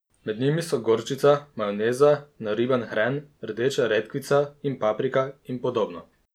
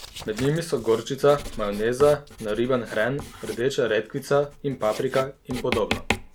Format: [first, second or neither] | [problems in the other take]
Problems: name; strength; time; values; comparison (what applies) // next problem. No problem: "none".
first | background sound (Writing); 11 dB below the speech